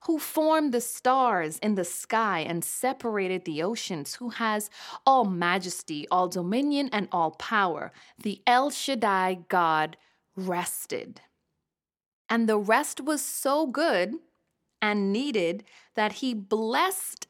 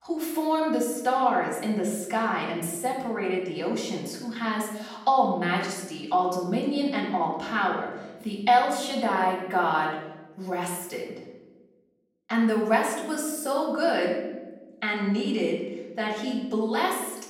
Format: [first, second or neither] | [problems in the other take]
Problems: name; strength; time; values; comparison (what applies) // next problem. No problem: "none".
first | off-mic speech; far // room echo; noticeable; dies away in 0.9 s